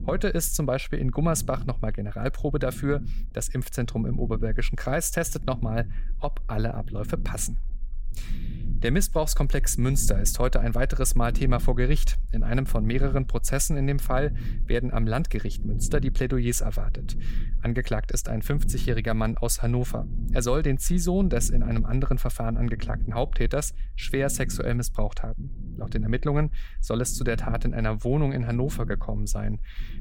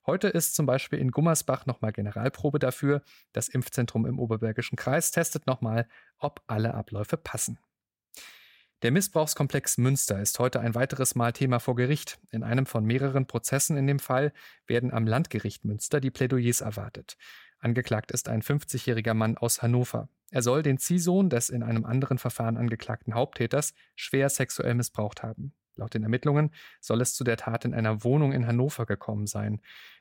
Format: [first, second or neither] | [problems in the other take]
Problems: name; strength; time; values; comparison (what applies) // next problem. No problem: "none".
second | low rumble; noticeable; throughout; 20 dB below the speech